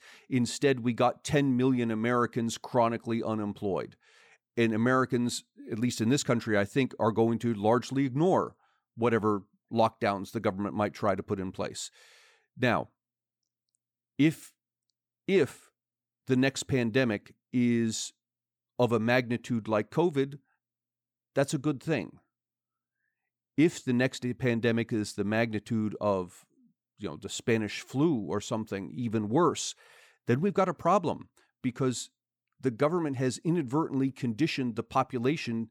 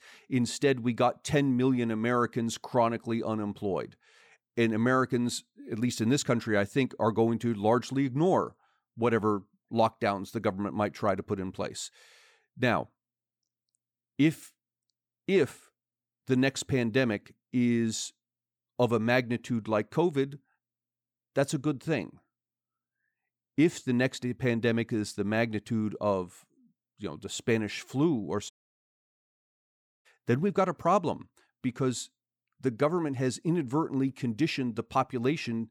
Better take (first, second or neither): first